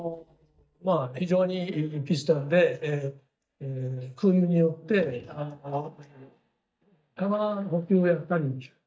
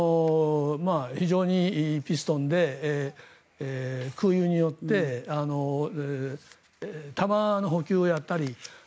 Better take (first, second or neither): second